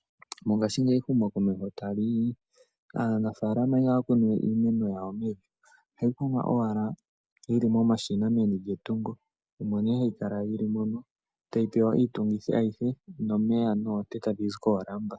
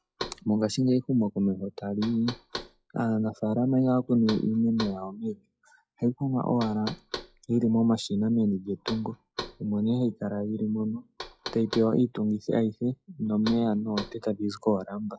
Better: first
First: none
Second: noise reduction (classical method log-MMSE)

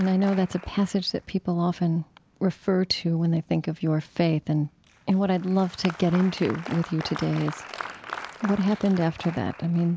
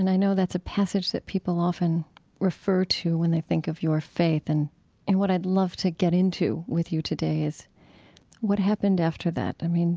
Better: second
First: background sound (Applause); 16 dB below the speech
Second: none

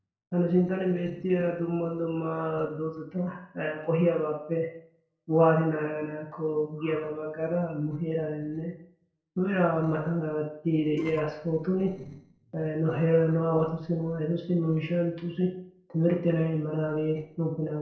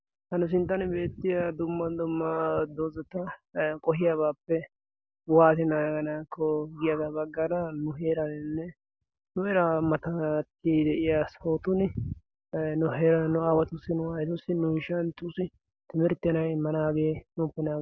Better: second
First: noise reduction (neural separator model SepFormer DNS4)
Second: none

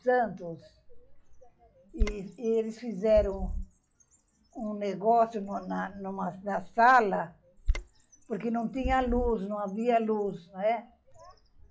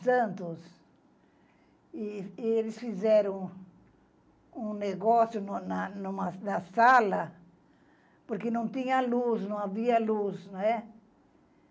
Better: second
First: noise reduction (classical method log-MMSE)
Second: none

